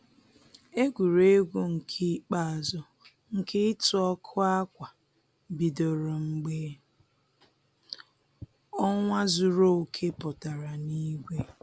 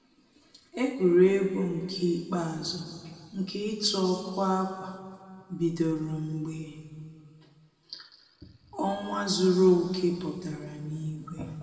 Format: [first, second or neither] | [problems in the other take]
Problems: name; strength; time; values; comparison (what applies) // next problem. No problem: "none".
first | room echo; dies away in 2 s